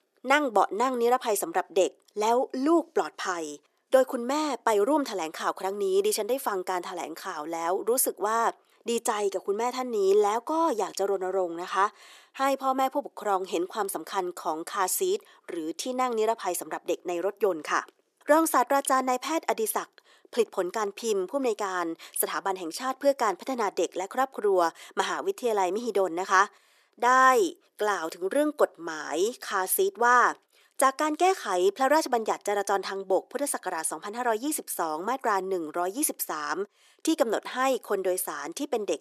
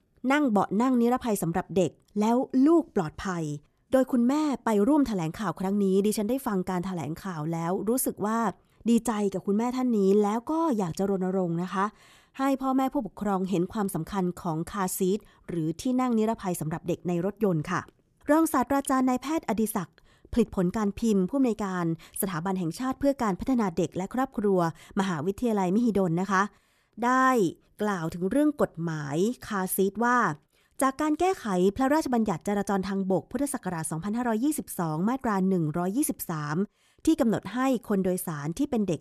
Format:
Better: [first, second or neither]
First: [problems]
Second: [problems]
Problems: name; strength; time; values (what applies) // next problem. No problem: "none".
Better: second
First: thin; very; fading below 400 Hz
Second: none